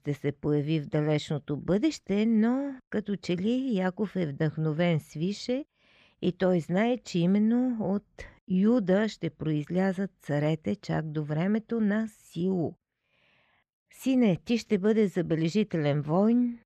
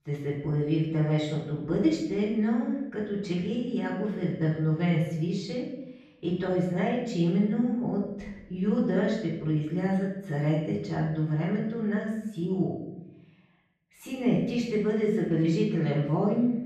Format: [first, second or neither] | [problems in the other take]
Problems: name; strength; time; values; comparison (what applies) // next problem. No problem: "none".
first | off-mic speech; far // room echo; noticeable; dies away in 0.7 s